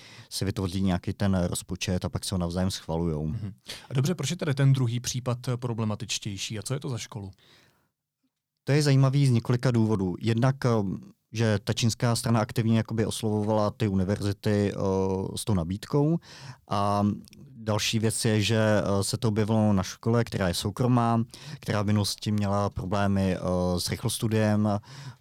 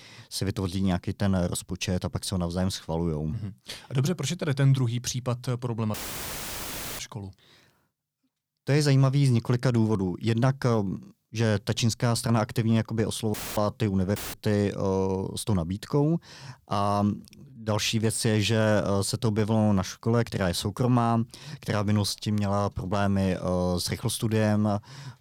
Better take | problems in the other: first | audio cutting out; filled with static; at 6 s for 1 s, at 13 s and at 14 s

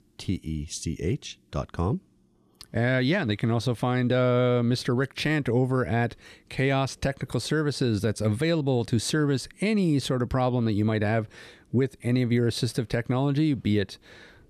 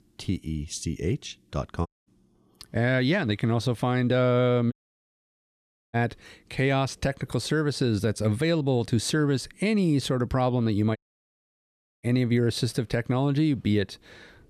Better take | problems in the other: first | audio cutting out; at 2 s, at 4.5 s for 1 s and at 11 s for 1 s

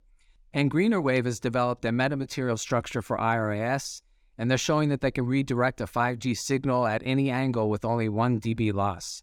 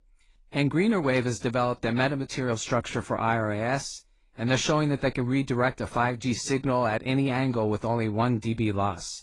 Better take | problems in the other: first | garbled, watery; slightly

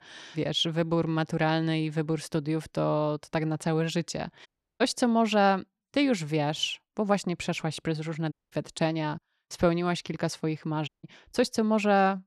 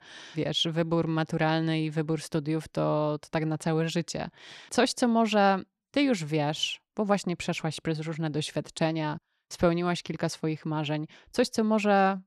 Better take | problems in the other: second | audio cutting out; at 4.5 s, at 8.5 s and at 11 s

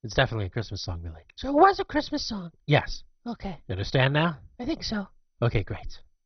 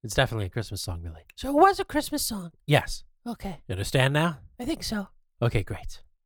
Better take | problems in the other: second | garbled, watery; badly; nothing above 6 kHz

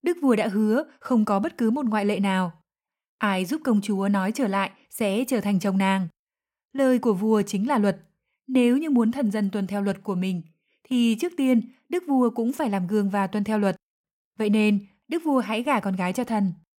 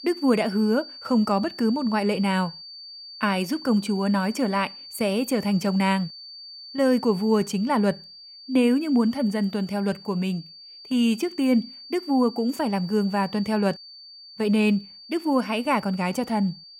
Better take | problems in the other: first | high-pitched whine; noticeable; throughout; 4.5 kHz, 15 dB below the speech

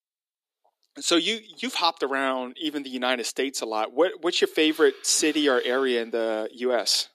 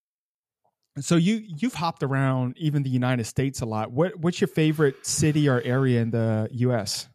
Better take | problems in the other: second | thin; somewhat; fading below 300 Hz

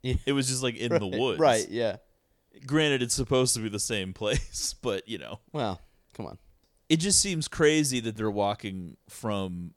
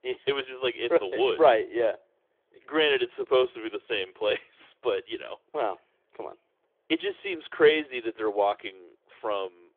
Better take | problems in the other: first | phone-call audio; nothing above 3.5 kHz

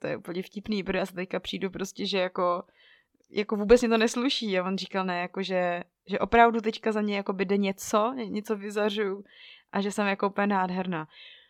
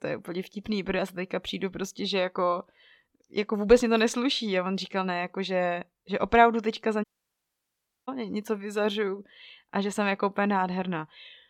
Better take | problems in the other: first | audio cutting out; at 7 s for 1 s

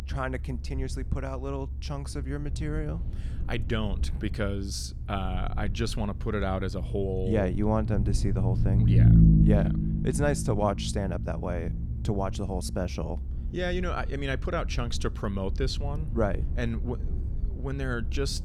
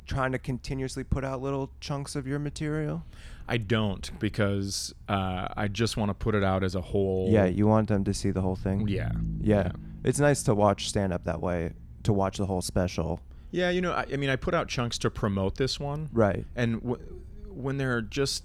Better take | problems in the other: second | low rumble; loud; throughout; 7 dB below the speech; faint in the second

